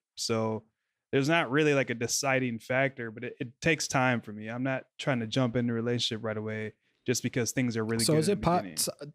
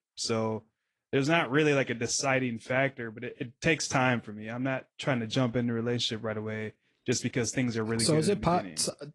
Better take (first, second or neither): first